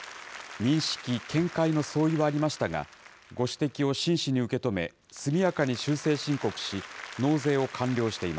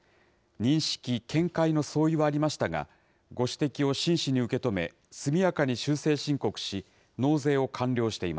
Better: second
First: background sound (Applause); 17 dB below the speech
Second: none

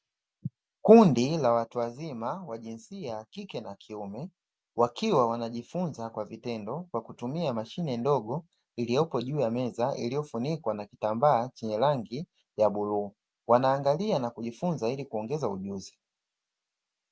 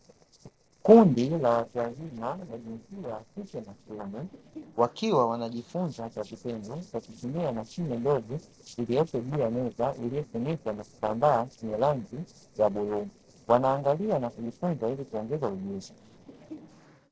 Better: first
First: none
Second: noise reduction (neural separator model SepFormer DNS4)

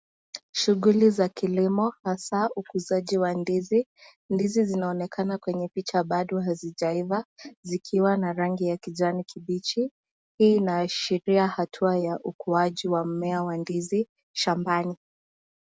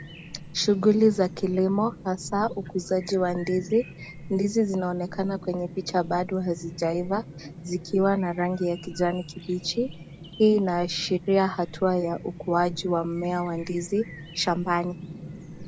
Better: first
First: none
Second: background sound (Chirp, tweet); 15 dB below the speech

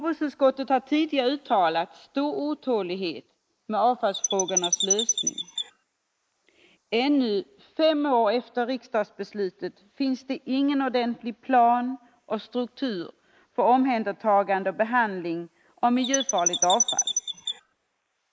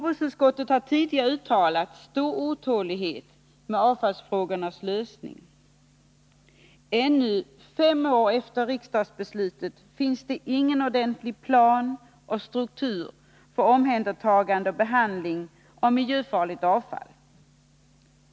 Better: second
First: noise reduction (neural mask model Resemble Enhance denoiser)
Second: none

